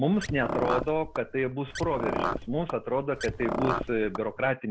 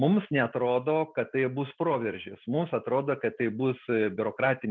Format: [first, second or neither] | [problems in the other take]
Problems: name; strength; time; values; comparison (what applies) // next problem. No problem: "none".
second | background sound (Car); 4 dB below the speech